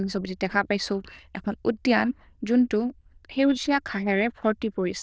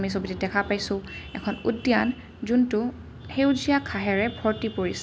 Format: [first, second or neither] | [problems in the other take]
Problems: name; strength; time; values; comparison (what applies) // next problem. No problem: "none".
second | noise reduction (neural diffusion model UNIVERSE++)